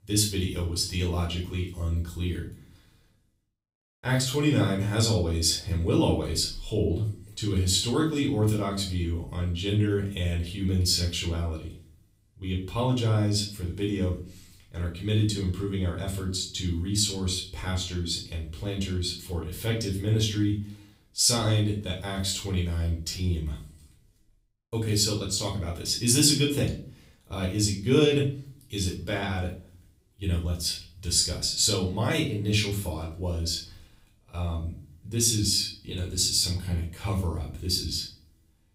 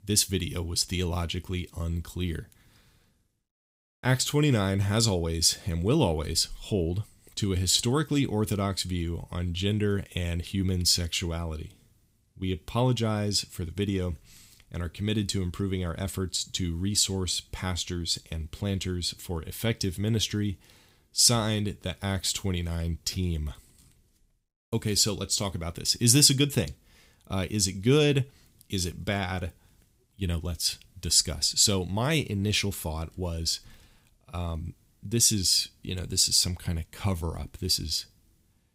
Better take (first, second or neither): second